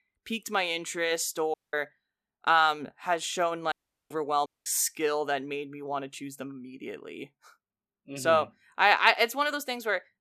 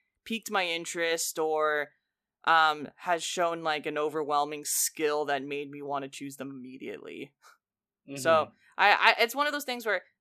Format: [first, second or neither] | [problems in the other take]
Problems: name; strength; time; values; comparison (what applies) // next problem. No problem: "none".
second | audio cutting out; at 1.5 s, at 3.5 s and at 4.5 s